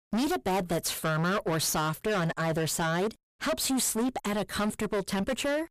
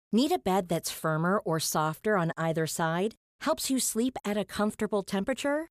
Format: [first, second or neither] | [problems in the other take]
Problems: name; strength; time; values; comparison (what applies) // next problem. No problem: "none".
second | distortion; heavy; 25% of the sound clipped